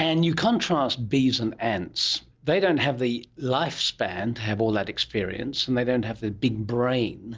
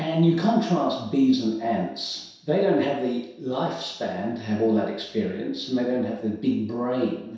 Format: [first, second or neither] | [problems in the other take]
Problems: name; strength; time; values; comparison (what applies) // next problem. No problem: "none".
first | room echo; dies away in 0.7 s